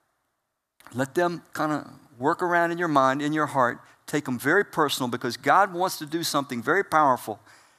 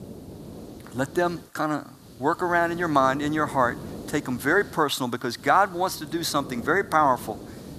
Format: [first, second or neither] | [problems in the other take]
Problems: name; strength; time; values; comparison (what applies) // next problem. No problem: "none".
first | hiss; noticeable; throughout; 15 dB below the speech